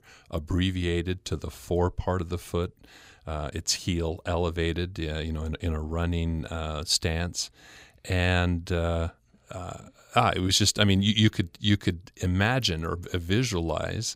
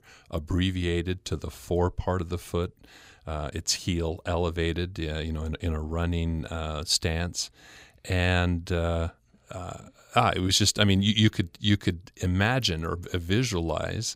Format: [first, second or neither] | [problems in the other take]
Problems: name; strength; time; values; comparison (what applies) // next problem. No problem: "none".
neither | none